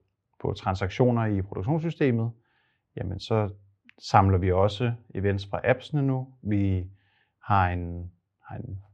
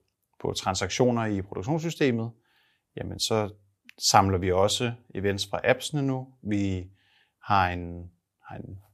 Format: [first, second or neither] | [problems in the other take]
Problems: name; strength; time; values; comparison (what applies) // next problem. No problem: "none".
second | muffled; slightly; fading above 2.5 kHz